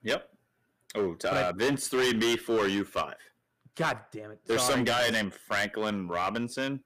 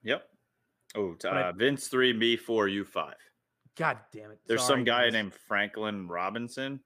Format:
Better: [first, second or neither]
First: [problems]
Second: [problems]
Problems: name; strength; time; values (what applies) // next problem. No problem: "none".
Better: second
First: distortion; heavy; 10% of the sound clipped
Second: none